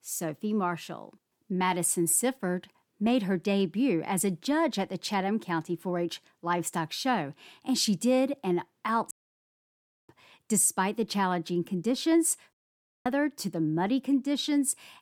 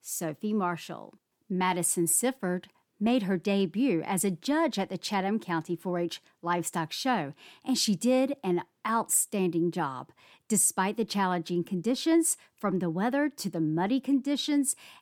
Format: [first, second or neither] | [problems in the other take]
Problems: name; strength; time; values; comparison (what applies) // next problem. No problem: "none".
second | audio cutting out; at 9 s for 1 s and at 13 s for 0.5 s